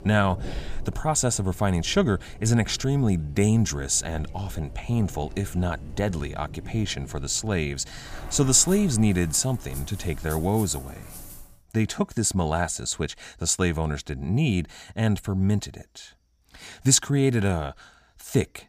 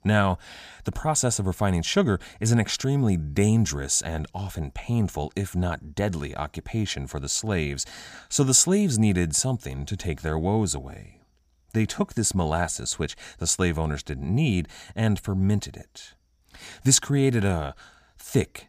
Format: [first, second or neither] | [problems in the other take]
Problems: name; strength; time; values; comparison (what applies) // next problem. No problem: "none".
second | rain or running water; noticeable; until 11 s; 15 dB below the speech